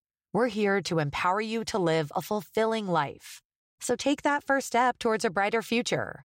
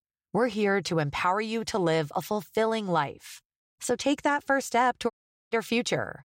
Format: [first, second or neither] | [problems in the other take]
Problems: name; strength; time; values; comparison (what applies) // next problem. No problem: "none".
first | audio cutting out; at 5 s